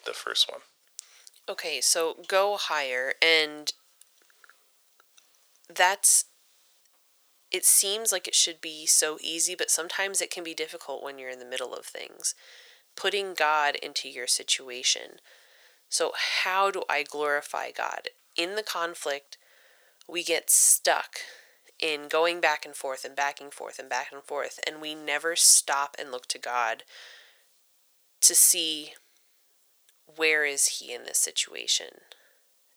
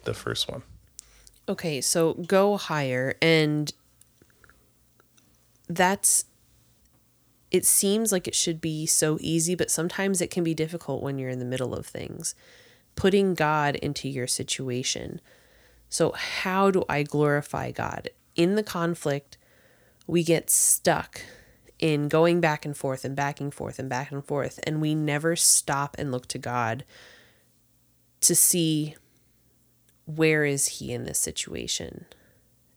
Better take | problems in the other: second | thin; very; fading below 550 Hz

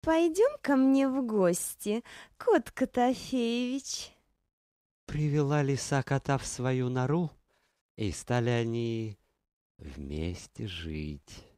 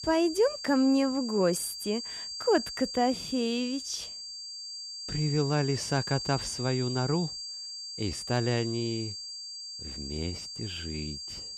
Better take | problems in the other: first | high-pitched whine; loud; throughout; 4.5 kHz, 7 dB below the speech

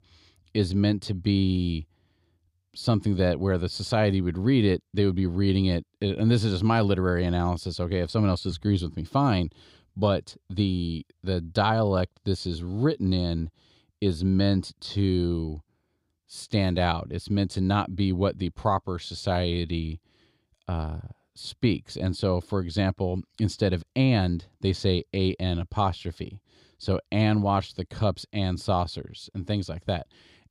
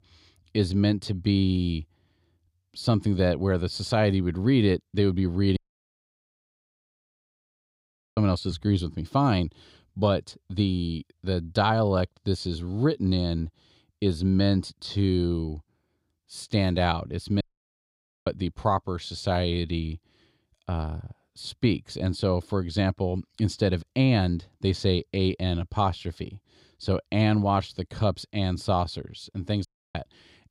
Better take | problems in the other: first | audio cutting out; at 5.5 s for 2.5 s, at 17 s for 1 s and at 30 s

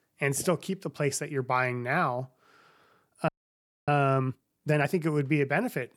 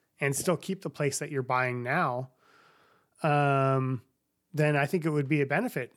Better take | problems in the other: second | audio freezing; at 3.5 s for 0.5 s

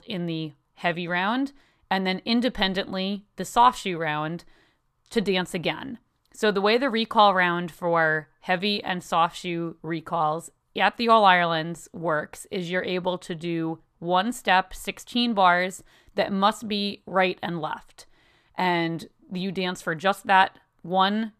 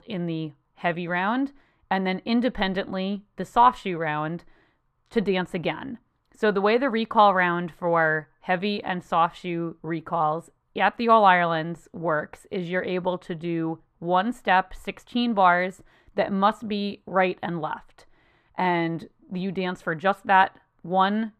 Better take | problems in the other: first | muffled; slightly; fading above 3.5 kHz

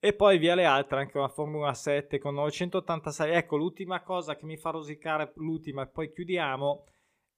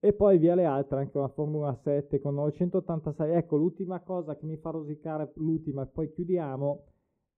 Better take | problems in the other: first | muffled; very; fading above 1 kHz

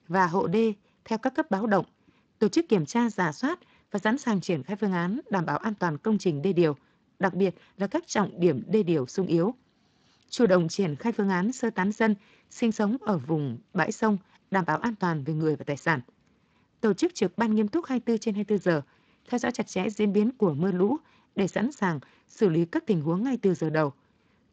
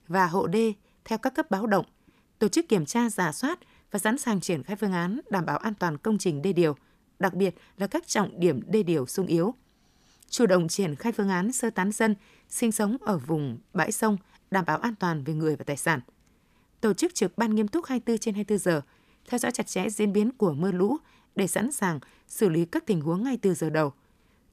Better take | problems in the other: second | garbled, watery; slightly; nothing above 7.5 kHz

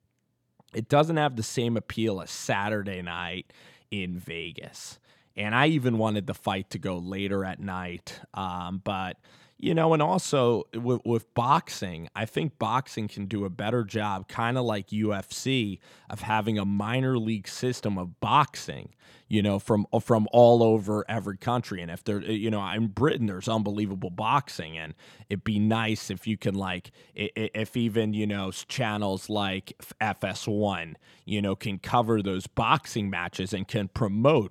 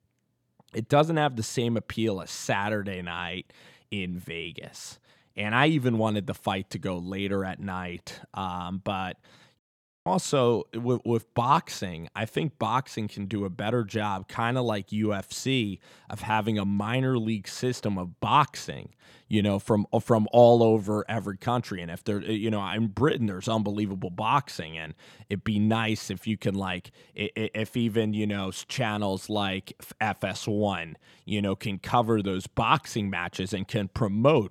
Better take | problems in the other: first | audio cutting out; at 9.5 s

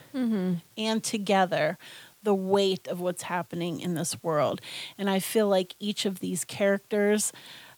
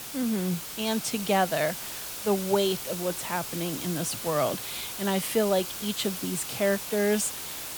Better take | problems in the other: first | hiss; loud; throughout; 6 dB below the speech; faint in the first

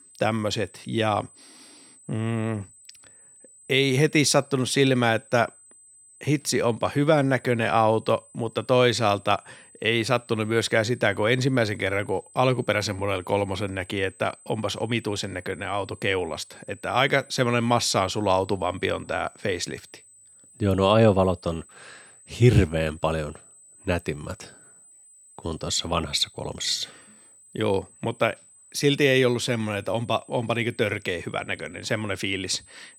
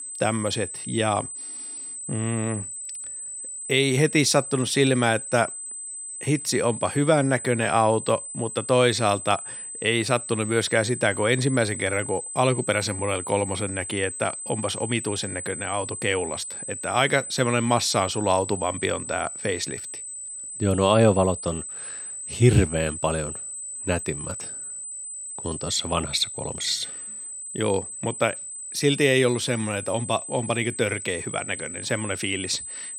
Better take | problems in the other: first | high-pitched whine; loud; throughout; 8 kHz, 8 dB below the speech; faint in the first

